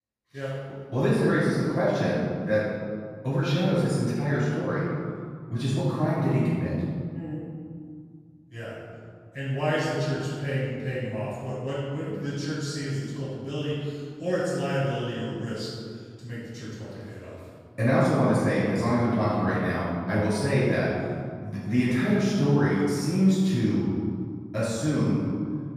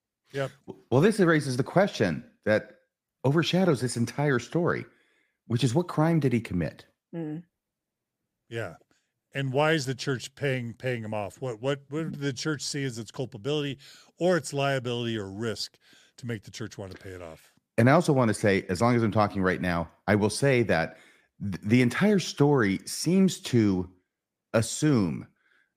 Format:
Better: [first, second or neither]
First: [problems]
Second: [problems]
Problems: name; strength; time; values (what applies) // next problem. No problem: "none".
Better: second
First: room echo; strong; dies away in 2.1 s // off-mic speech; far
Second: none